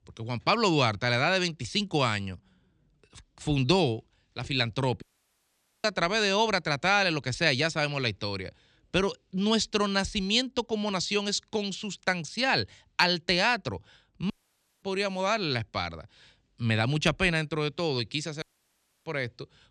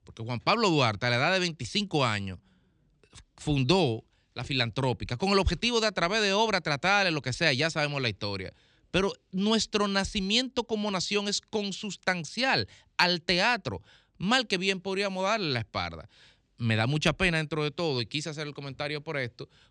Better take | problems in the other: second | audio cutting out; at 5 s for 1 s, at 14 s for 0.5 s and at 18 s for 0.5 s

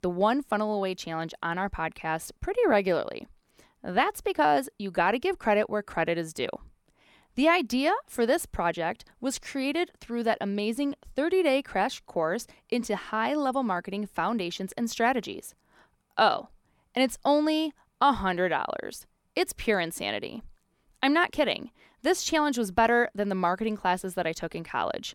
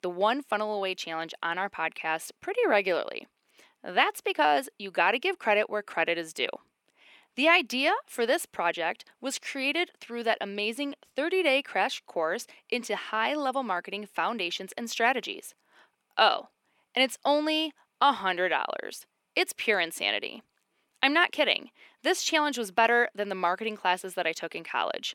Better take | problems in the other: first | thin; very slightly; fading below 350 Hz

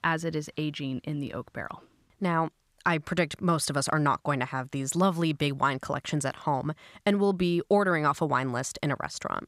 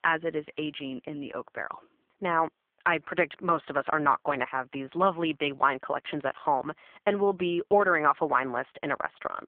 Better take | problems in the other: first | phone-call audio; poor line

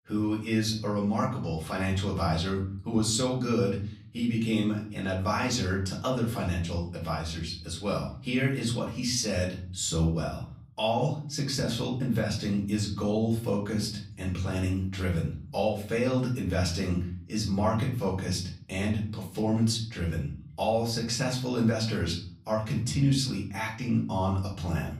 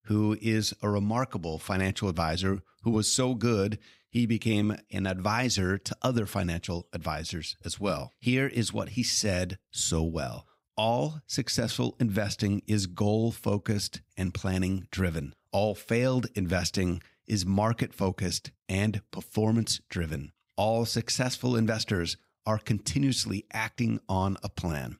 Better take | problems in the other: second | off-mic speech; far // room echo; slight; dies away in 0.5 s

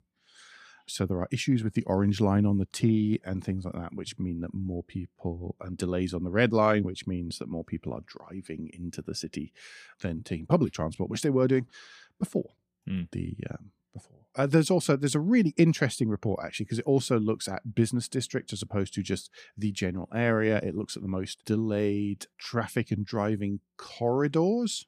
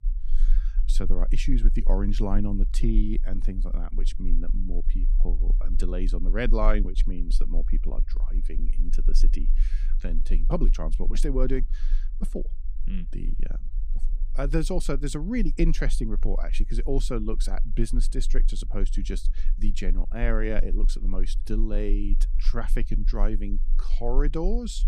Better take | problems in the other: first | low rumble; faint; throughout; 20 dB below the speech

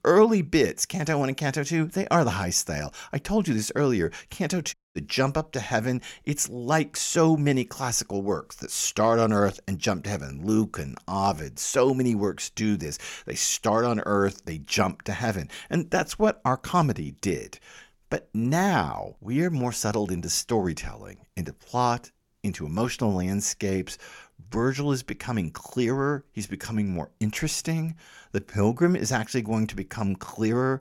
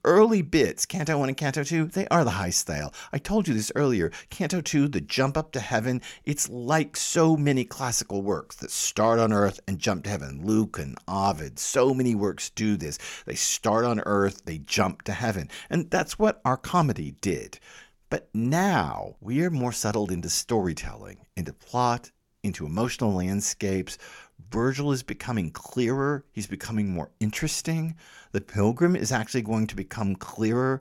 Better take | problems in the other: second | audio cutting out; at 4.5 s

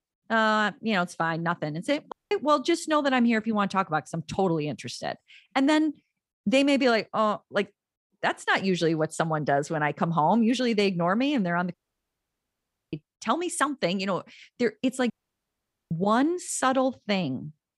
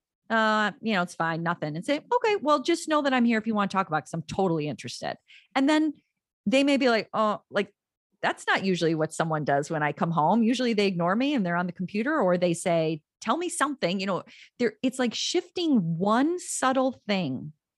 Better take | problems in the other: second | audio cutting out; at 2 s, at 12 s for 1 s and at 15 s for 1 s

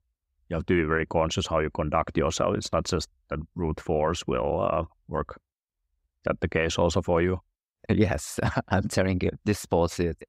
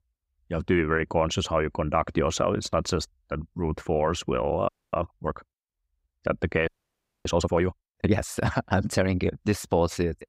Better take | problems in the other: first | audio freezing; at 4.5 s and at 6.5 s for 0.5 s

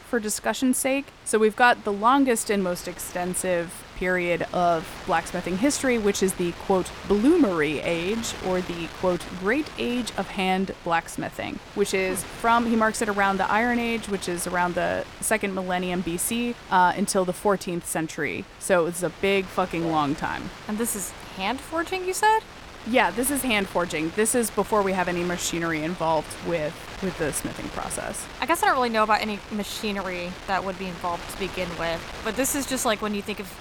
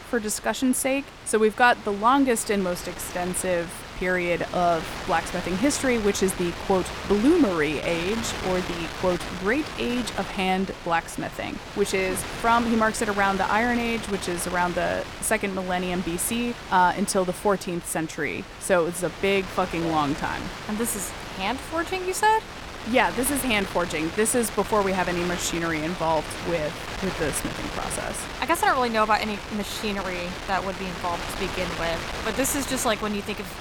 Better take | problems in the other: first | wind noise on the microphone; heavy; 9 dB below the speech; occasional gusts in the first

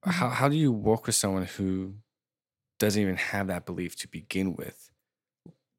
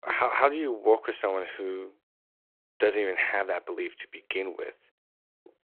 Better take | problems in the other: first | phone-call audio

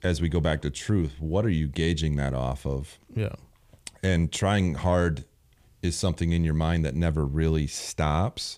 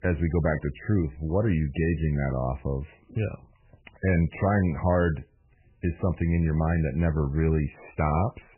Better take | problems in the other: first | garbled, watery; badly; nothing above 2.5 kHz

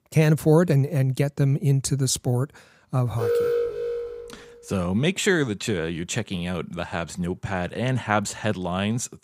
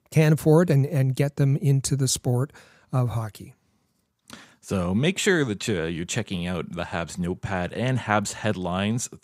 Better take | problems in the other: second | alarm; loud; from 3 to 4.5 s; peak 2 dB above the speech

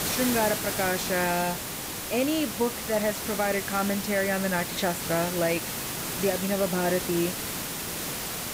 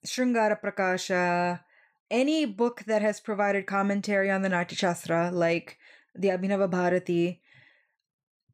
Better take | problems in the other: second | hiss; loud; throughout; 3 dB below the speech

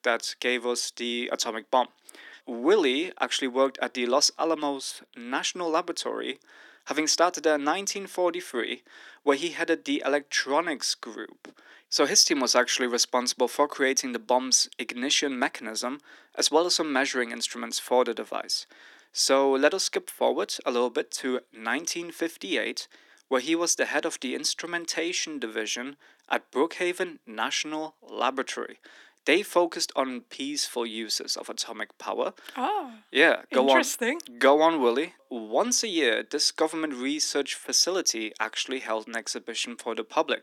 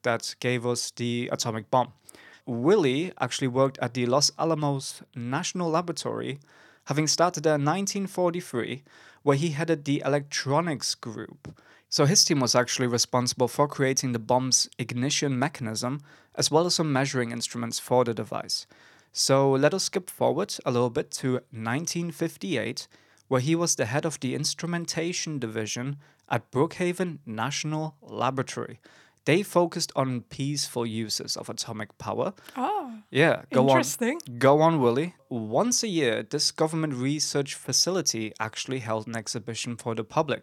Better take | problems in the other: second | thin; very slightly; fading below 250 Hz

